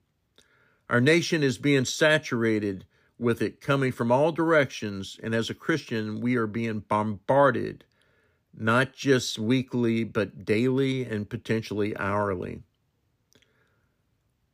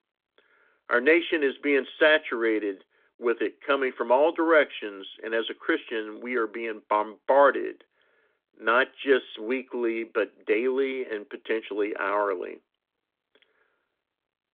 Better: first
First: none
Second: phone-call audio; nothing above 3.5 kHz

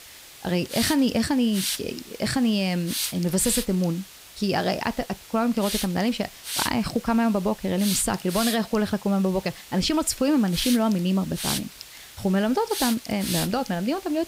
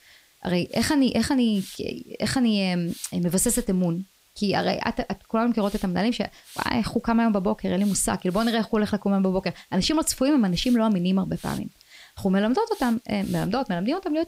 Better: second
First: hiss; loud; throughout; 6 dB below the speech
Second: hiss; faint; throughout; 20 dB below the speech

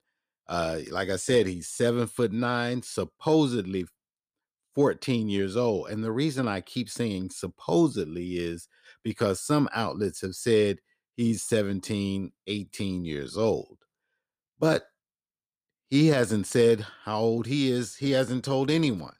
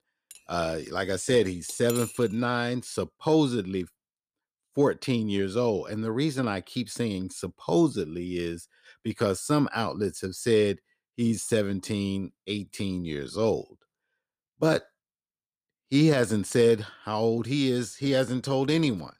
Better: first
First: none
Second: clattering dishes; noticeable; until 2.5 s; peak 8 dB below the speech

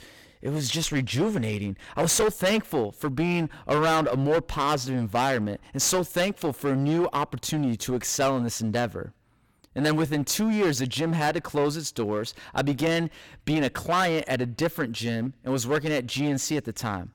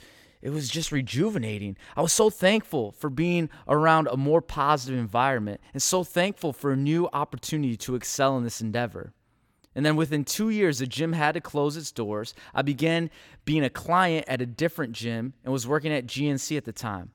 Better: second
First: distortion; heavy; 11% of the sound clipped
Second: none

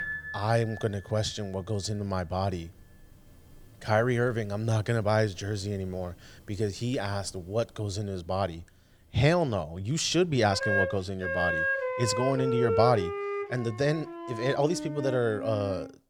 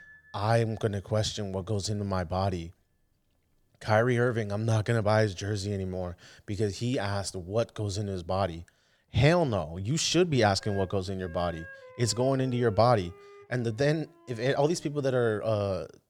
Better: second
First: background music; loud; throughout; 3 dB below the speech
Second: background music; faint; throughout; 20 dB below the speech

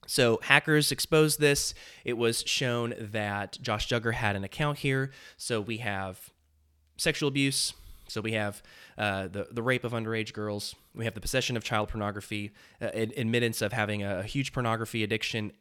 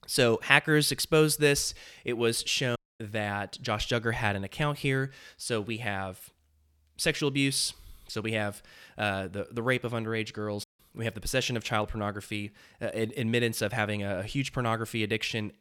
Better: first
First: none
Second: audio cutting out; at 3 s and at 11 s

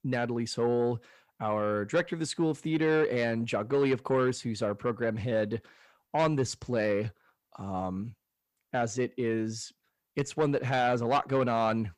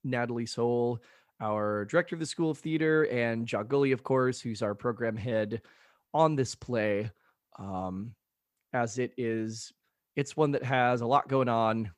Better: second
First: distortion; slight; 10 dB below the speech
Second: none

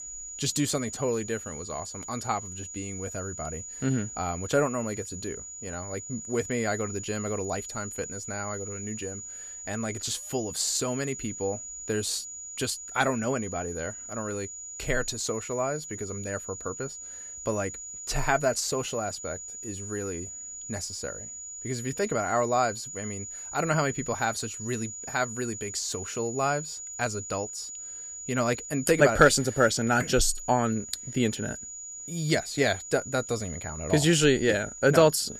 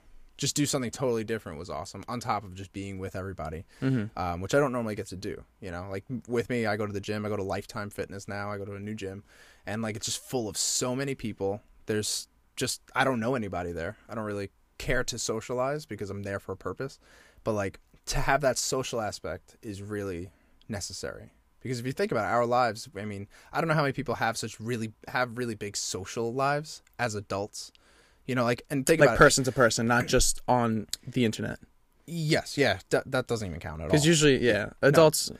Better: second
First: high-pitched whine; loud; throughout; 7 kHz, 9 dB below the speech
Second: none

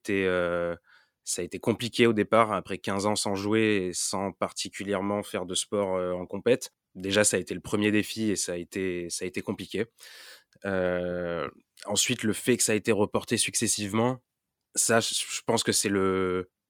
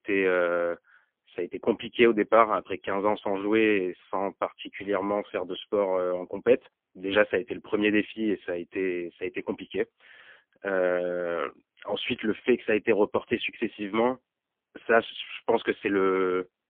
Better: first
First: none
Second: phone-call audio; poor line; nothing above 3.5 kHz

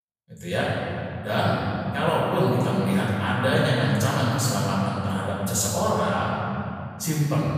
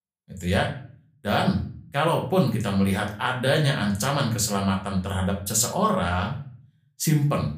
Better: second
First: room echo; strong; dies away in 2.6 s // off-mic speech; far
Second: room echo; slight; dies away in 0.4 s // off-mic speech; somewhat distant

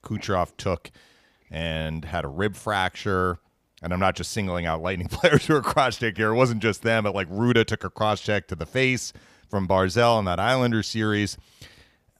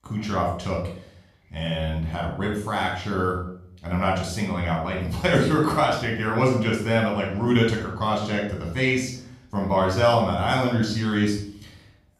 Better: first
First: none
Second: off-mic speech; far // room echo; noticeable; dies away in 0.5 s

